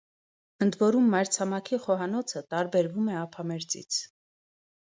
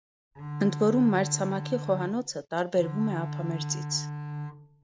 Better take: first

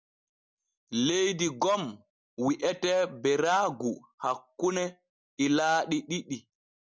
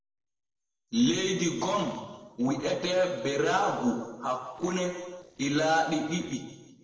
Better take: first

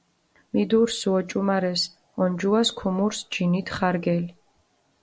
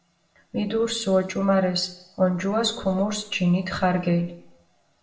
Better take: first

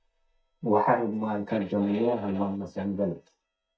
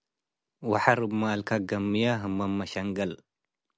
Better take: second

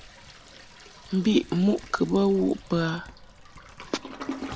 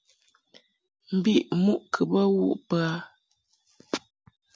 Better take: second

